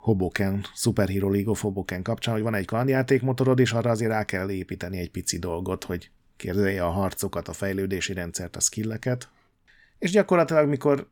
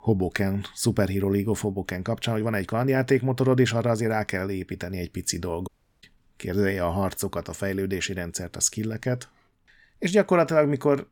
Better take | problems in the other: first | audio cutting out; at 5.5 s

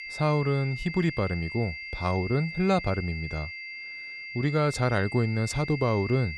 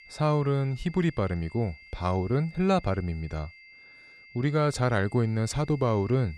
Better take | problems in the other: second | high-pitched whine; loud; throughout; 2 kHz, 9 dB below the speech; faint in the second

